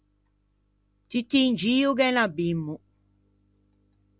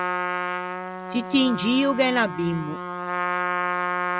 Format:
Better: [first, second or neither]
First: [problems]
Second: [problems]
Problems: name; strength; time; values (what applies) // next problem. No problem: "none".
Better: first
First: none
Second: background sound (Trumpet); 2 dB below the speech